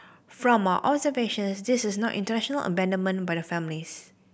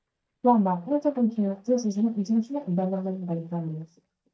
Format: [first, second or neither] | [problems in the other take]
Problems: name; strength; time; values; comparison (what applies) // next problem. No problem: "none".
first | noise reduction (neural mask model DeepFilterNet 3)